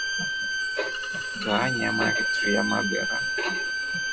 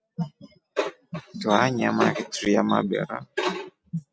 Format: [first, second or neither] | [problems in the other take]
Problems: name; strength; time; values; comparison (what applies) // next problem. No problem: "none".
second | background sound (Bowed string instrument); 3 dB above the speech // room echo; dies away in 0.2 s